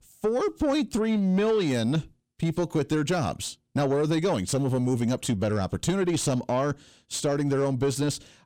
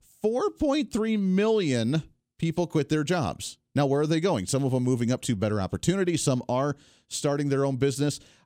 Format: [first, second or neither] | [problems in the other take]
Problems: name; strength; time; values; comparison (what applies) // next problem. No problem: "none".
second | distortion; slight; 10 dB below the speech